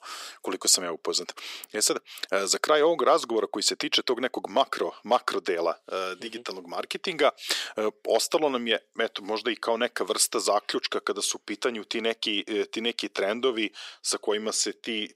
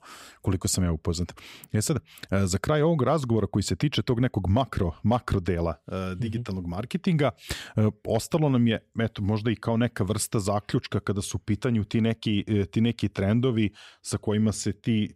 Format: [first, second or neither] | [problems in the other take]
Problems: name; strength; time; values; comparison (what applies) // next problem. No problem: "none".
second | thin; very; fading below 350 Hz